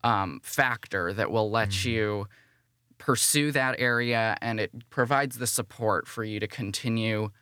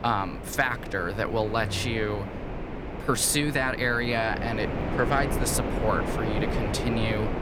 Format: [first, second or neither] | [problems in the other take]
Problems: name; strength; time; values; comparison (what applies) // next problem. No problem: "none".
first | wind noise on the microphone; heavy; 7 dB below the speech